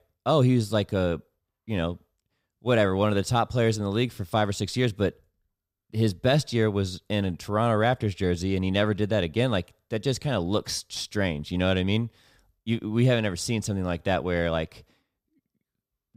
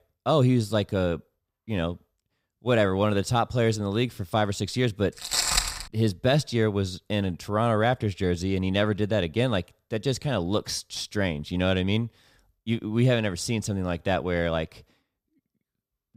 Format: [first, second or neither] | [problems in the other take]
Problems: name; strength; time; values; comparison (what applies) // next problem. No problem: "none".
first | footsteps; loud; at 5 s; peak 4 dB above the speech